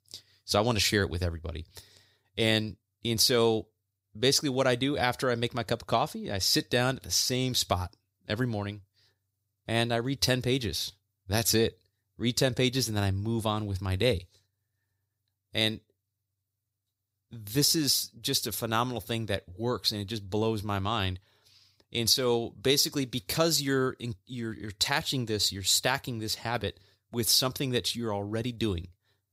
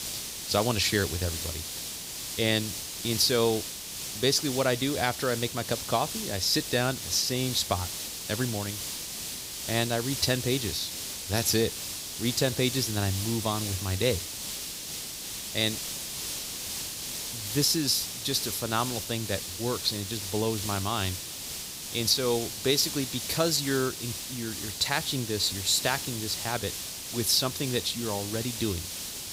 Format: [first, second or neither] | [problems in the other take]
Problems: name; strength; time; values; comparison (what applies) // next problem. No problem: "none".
first | hiss; loud; throughout; 5 dB below the speech